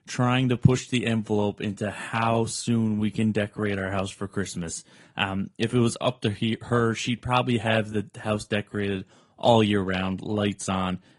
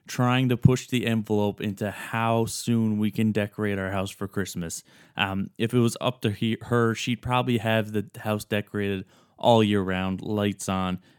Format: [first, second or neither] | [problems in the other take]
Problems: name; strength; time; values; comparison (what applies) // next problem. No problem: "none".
second | garbled, watery; slightly; nothing above 11 kHz